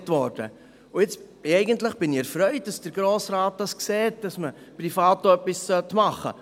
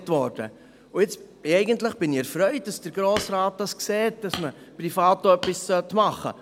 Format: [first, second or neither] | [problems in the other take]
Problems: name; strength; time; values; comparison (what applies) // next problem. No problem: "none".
first | background sound (Hammer); 15 dB below the speech